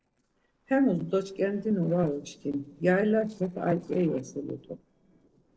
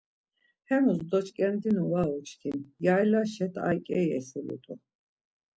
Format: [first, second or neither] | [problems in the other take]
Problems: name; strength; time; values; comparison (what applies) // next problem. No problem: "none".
second | noise reduction (neural separator model SepFormer DNS4)